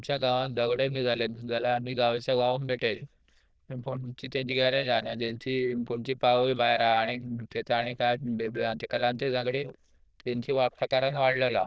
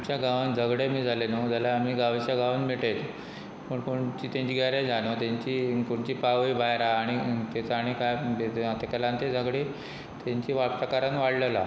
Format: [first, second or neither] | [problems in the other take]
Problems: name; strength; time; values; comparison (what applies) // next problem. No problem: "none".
second | noise reduction (neural diffusion model UNIVERSE++)